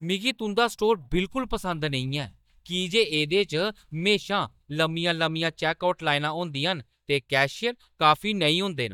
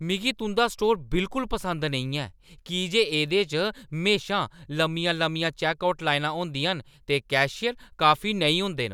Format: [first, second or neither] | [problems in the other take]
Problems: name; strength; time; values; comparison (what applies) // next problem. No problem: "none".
second | noise reduction (neural mask model DeepFilterNet 3)